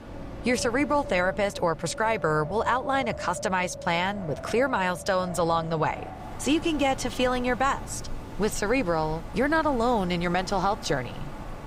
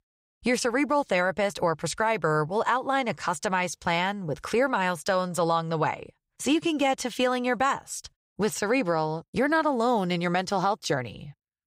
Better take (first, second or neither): second